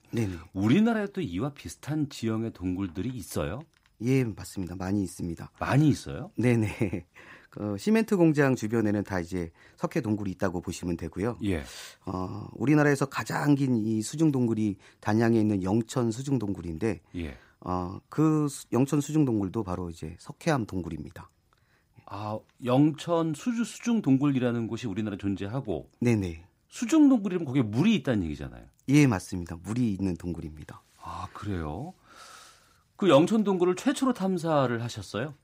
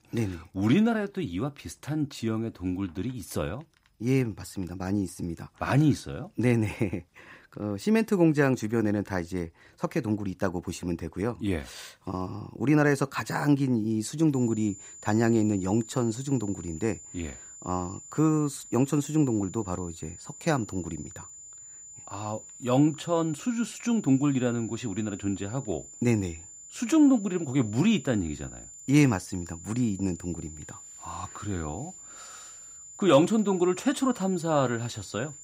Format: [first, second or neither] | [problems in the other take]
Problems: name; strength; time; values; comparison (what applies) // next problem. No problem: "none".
first | high-pitched whine; noticeable; from 14 s on; 7 kHz, 15 dB below the speech